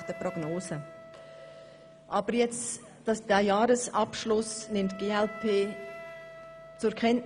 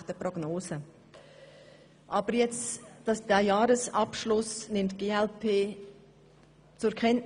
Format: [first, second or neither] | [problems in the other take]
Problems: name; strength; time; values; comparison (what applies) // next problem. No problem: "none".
second | background sound (Wind instrument, woodwind instrument); 17 dB below the speech